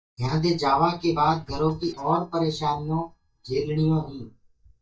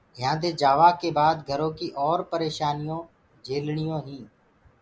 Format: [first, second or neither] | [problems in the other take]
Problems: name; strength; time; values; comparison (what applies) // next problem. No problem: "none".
second | noise reduction (neural mask model DeepFilterNet 3)